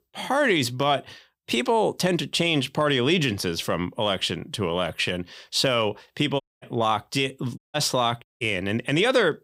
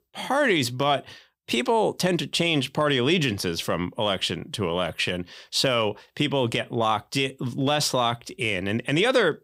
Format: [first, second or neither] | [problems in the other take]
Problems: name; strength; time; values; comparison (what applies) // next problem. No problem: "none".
second | audio cutting out; at 6.5 s, at 7.5 s and at 8 s